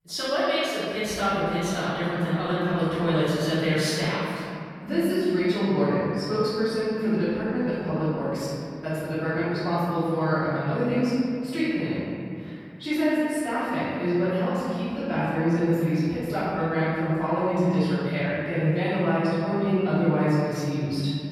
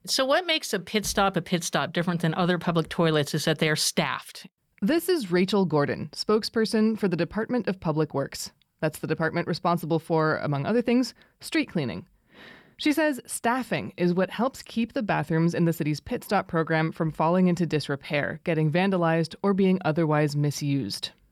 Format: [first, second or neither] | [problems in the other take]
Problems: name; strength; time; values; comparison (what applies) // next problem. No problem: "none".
second | room echo; strong; dies away in 2.3 s // off-mic speech; far